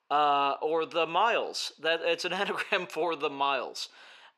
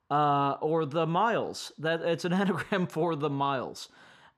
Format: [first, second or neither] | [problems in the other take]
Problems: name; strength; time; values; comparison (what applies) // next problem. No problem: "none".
second | thin; somewhat; fading below 500 Hz